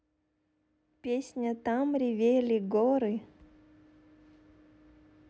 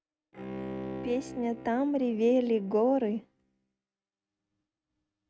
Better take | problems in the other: first | noise reduction (neural mask model RNNoise)

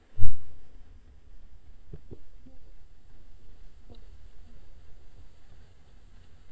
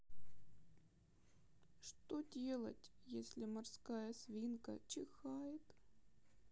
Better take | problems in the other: second | noise reduction (neural mask model DeepFilterNet 3)

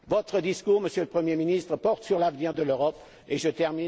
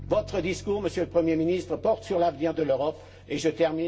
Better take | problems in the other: first | background sound (Bass guitar); 18 dB below the speech // room echo; dies away in 0.2 s

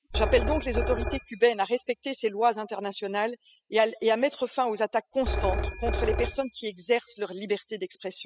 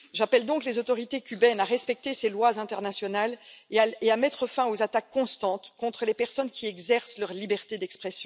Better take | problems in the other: second | noise reduction (classical method spectral subtraction)

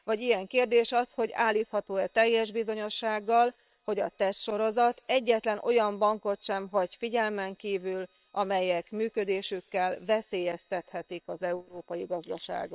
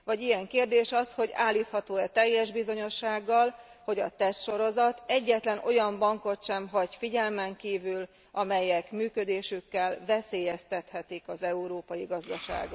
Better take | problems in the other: second | noise reduction (neural separator model SepFormer WHAM!)

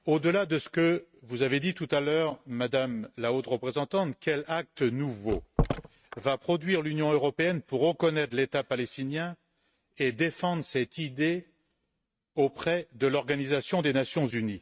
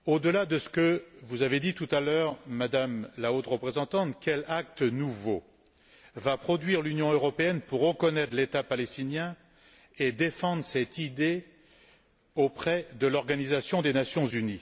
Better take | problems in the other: second | noise reduction (neural mask model RNNoise)

